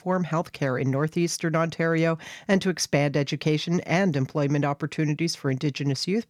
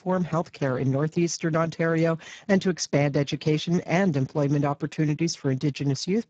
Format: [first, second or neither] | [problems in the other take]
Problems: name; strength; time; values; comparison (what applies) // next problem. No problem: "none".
first | garbled, watery; badly